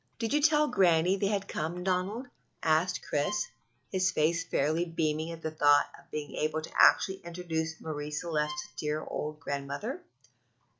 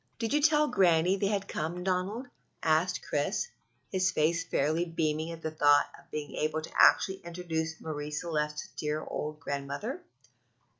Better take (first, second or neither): second